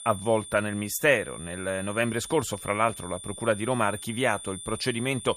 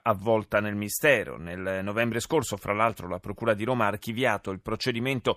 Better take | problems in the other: second | high-pitched whine; noticeable; throughout; 9 kHz, 10 dB below the speech

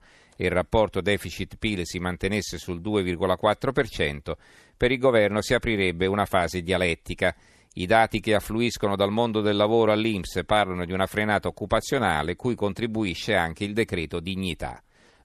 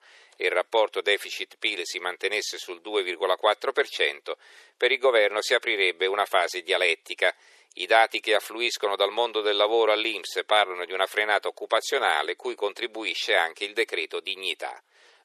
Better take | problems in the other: first | thin; very; fading below 400 Hz

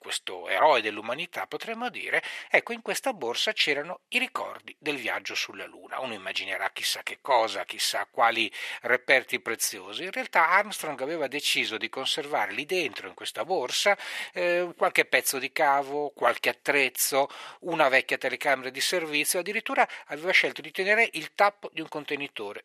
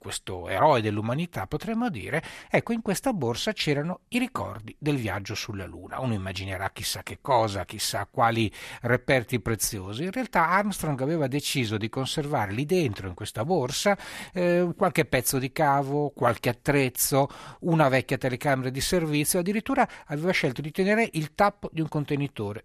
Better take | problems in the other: second | thin; somewhat; fading below 500 Hz

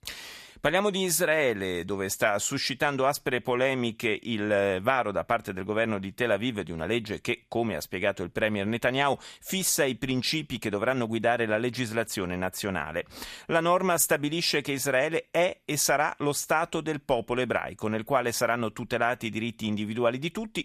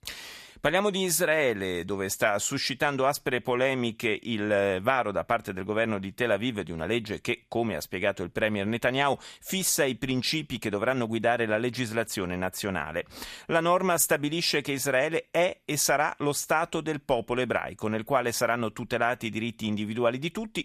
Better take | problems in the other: neither | none

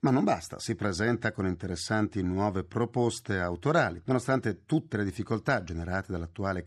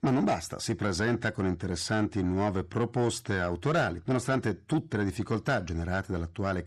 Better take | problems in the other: first | distortion; slight; 10 dB below the speech

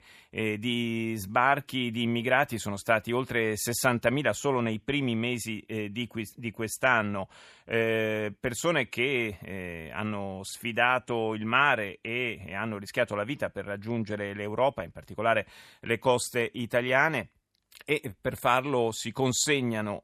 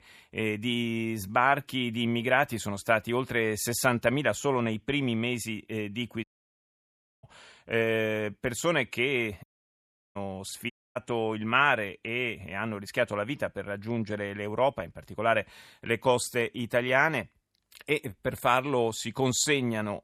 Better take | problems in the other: first | audio cutting out; at 6 s for 1 s, at 9.5 s for 0.5 s and at 11 s

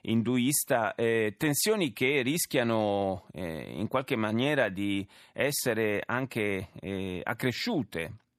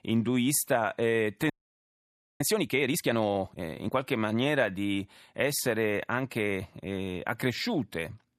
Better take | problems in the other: first | audio freezing; at 1.5 s for 1 s

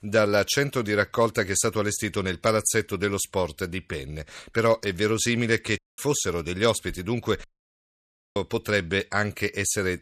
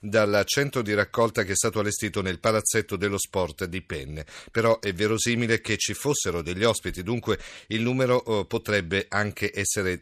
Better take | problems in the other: second | audio cutting out; at 6 s and at 7.5 s for 1 s

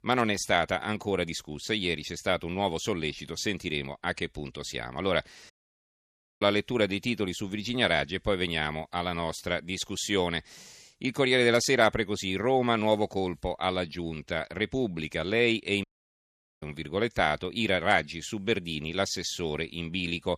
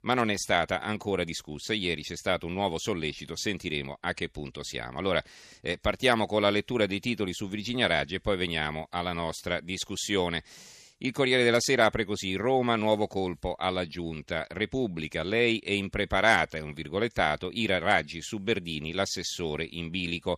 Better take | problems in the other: second | audio cutting out; at 5.5 s for 1 s and at 16 s for 1 s

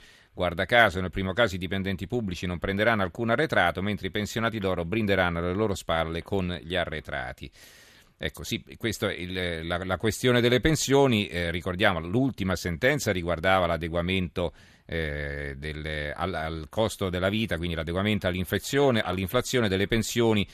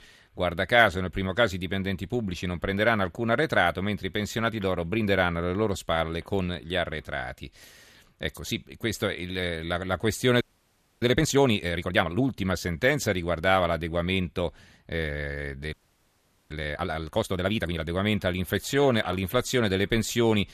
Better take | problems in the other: first | audio freezing; at 10 s for 0.5 s and at 16 s for 1 s

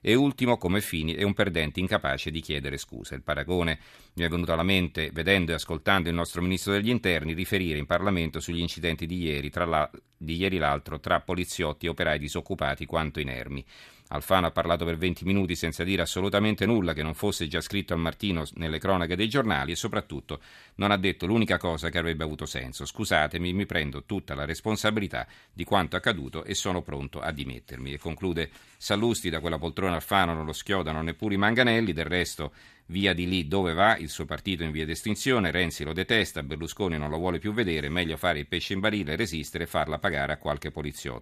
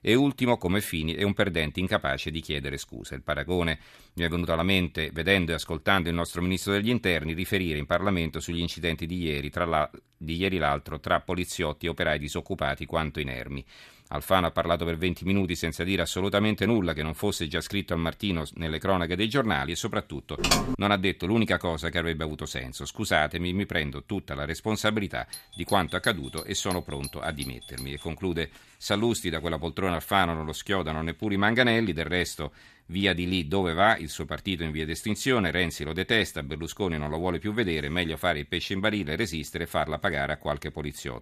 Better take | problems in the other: first | keyboard typing; loud; at 20 s; peak 4 dB above the speech // doorbell; faint; from 25 to 28 s; peak 10 dB below the speech

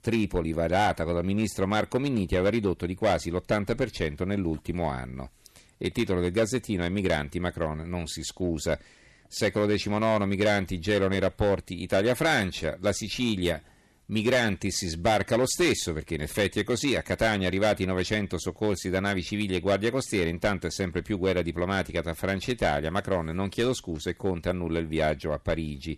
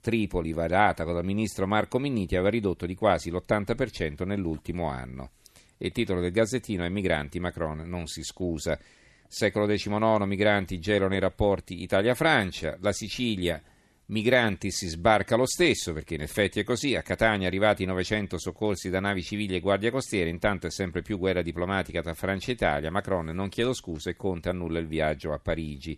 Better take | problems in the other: second | distortion; slight; 4% of the sound clipped

